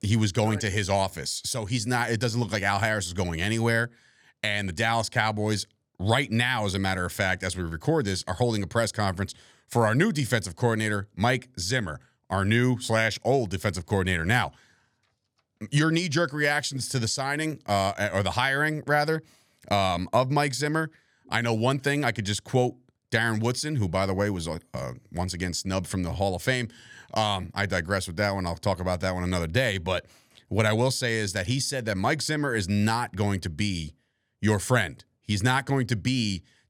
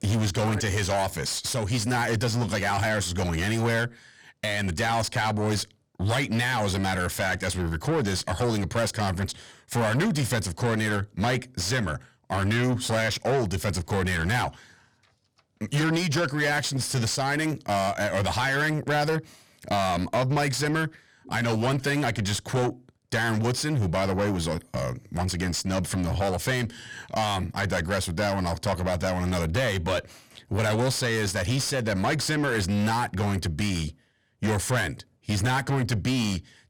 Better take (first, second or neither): first